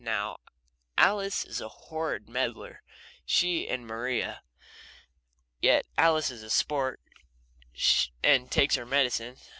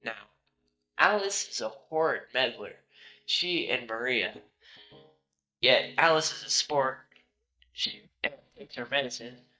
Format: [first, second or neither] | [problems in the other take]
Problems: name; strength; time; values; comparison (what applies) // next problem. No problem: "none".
first | noise reduction (neural mask model DeepFilterNet 3)